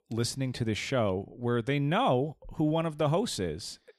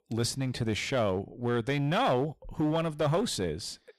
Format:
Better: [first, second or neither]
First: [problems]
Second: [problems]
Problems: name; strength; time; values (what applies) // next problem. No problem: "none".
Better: first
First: none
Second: distortion; slight; 7% of the sound clipped